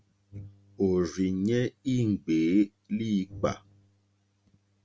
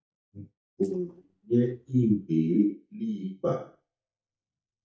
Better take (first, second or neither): first